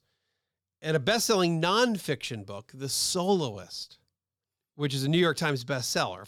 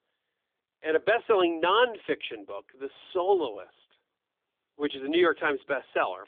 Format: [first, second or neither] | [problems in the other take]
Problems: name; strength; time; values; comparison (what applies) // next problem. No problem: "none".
first | phone-call audio; nothing above 3.5 kHz